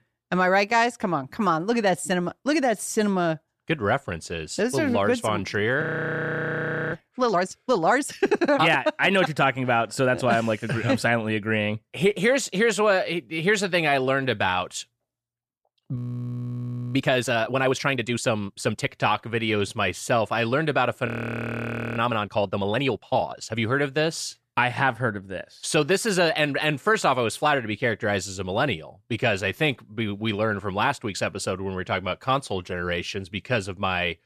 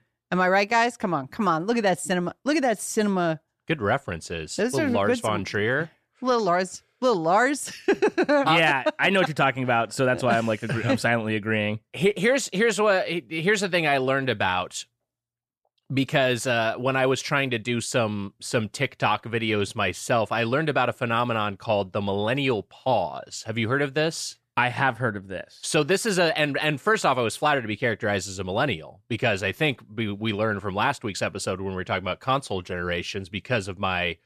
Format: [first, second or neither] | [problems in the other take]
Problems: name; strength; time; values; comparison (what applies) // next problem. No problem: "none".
second | audio freezing; at 6 s for 1 s, at 16 s for 1 s and at 21 s for 1 s